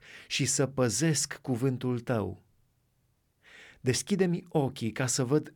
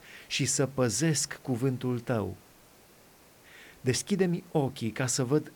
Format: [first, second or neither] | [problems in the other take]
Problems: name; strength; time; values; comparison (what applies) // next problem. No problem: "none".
first | hiss; faint; throughout; 25 dB below the speech